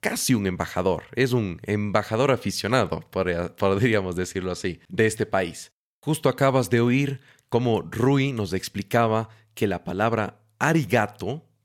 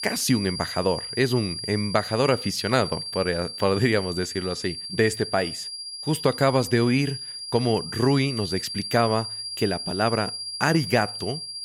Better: first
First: none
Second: high-pitched whine; loud; throughout; 5 kHz, 7 dB below the speech

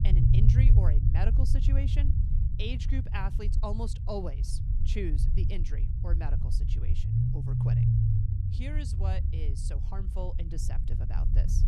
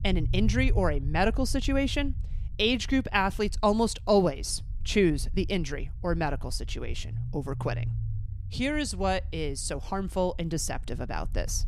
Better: second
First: low rumble; loud; throughout; 1 dB below the speech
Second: low rumble; faint; throughout; 25 dB below the speech

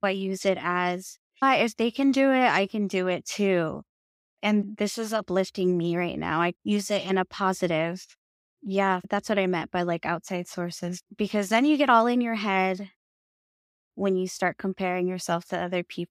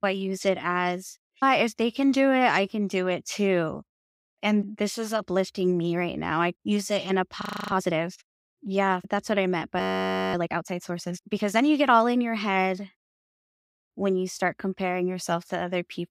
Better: first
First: none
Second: audio freezing; at 7.5 s and at 10 s for 0.5 s

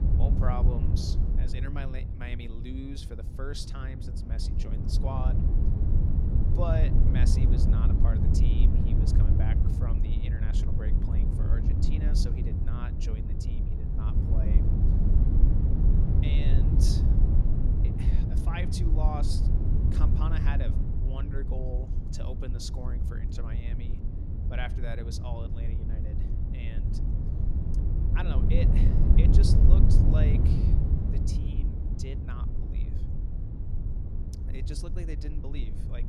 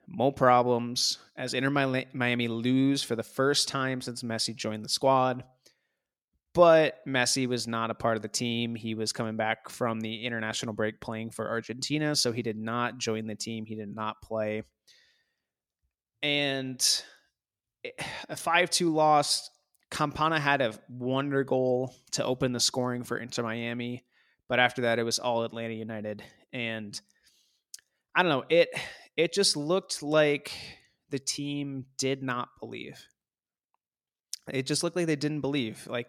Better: second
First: wind noise on the microphone; heavy; as loud as the speech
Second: none

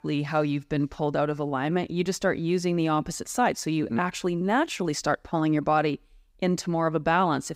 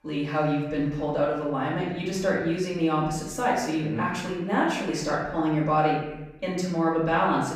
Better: first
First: none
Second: off-mic speech; far // room echo; noticeable; dies away in 1 s

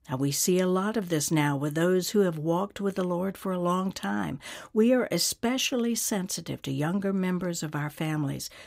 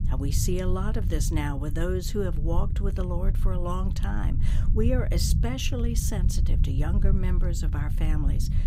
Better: first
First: none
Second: low rumble; loud; throughout; 9 dB below the speech

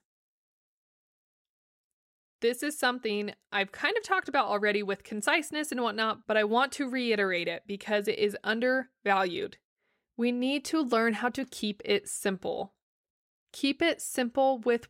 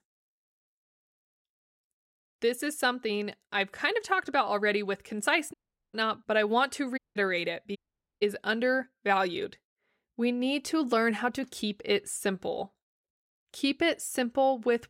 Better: first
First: none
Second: audio cutting out; at 5.5 s, at 7 s and at 8 s

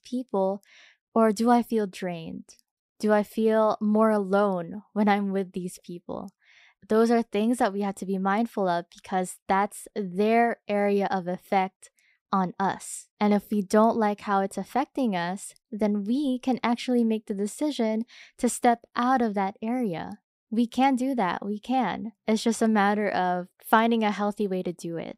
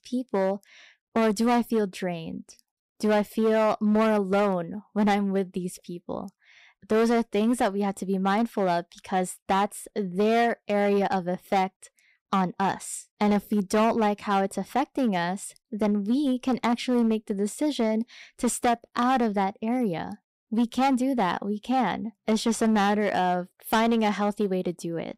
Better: first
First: none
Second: distortion; slight; 8% of the sound clipped

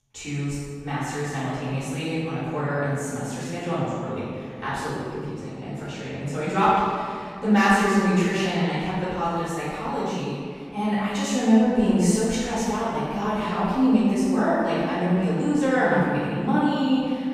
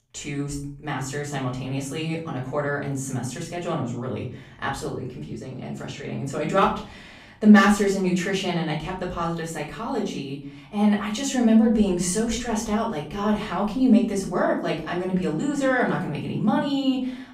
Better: second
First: room echo; strong; dies away in 2 s // off-mic speech; far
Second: room echo; slight; dies away in 0.5 s // off-mic speech; far

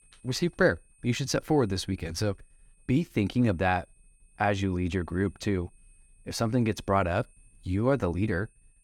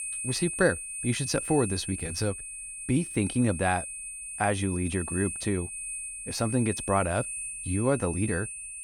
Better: first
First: high-pitched whine; faint; throughout; 8.5 kHz, 35 dB below the speech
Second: high-pitched whine; loud; throughout; 8.5 kHz, 6 dB below the speech

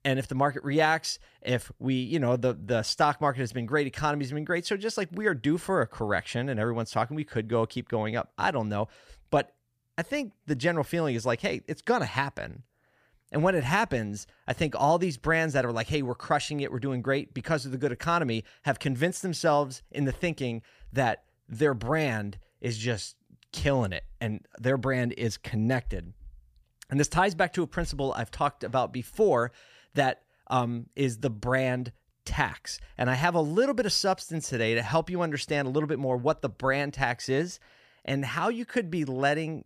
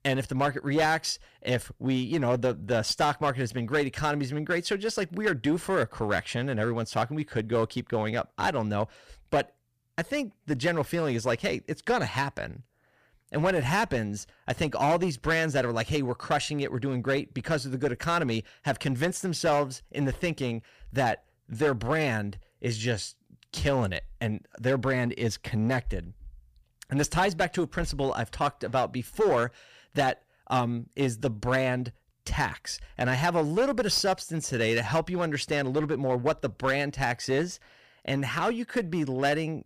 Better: first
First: none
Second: distortion; slight; 6% of the sound clipped

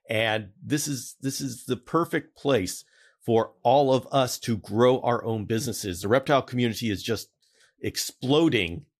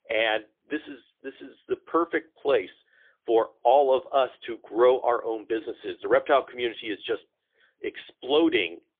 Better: first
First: none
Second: phone-call audio; poor line; nothing above 3.5 kHz

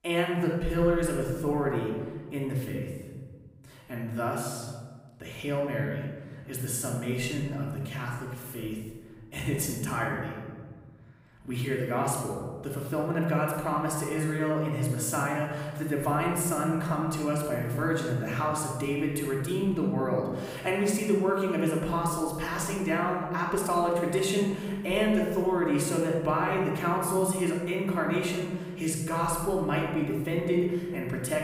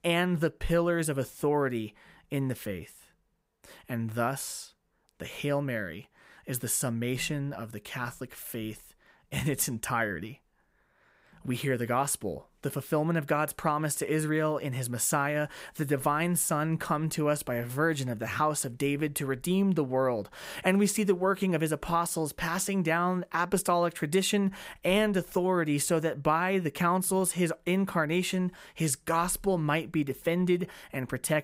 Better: second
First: off-mic speech; far // room echo; noticeable; dies away in 1.6 s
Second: none

